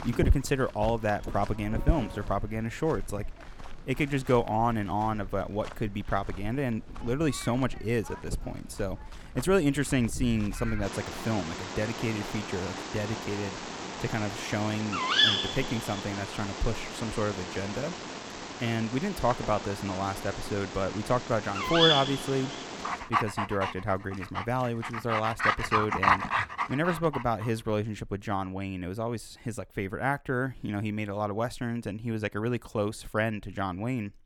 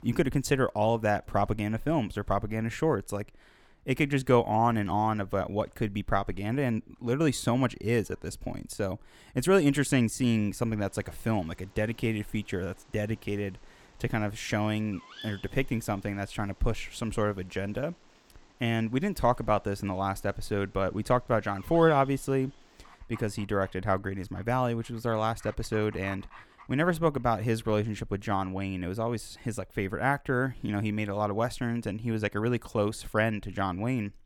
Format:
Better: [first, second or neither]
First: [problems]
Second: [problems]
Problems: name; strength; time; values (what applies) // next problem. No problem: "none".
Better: second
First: animal sounds; loud; until 27 s; 1 dB below the speech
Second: animal sounds; faint; until 27 s; 25 dB below the speech